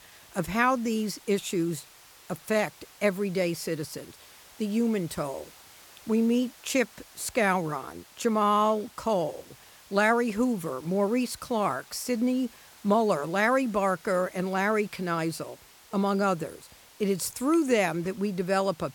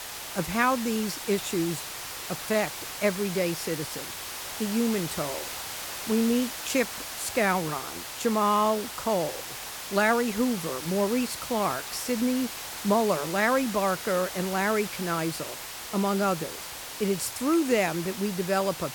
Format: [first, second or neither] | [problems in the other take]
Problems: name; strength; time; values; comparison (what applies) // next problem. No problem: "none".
first | hiss; loud; throughout; 7 dB below the speech; faint in the first